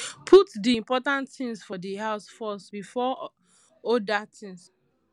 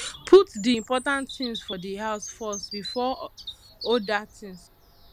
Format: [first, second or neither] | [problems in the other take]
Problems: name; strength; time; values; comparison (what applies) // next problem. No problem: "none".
first | background sound (Bird vocalization, bird call, bird song); 15 dB below the speech